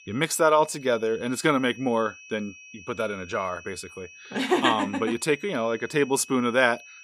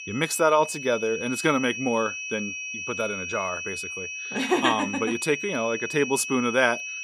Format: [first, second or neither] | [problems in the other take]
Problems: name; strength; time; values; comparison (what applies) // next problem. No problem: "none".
first | high-pitched whine; loud; throughout; 2.5 kHz, 7 dB below the speech; faint in the first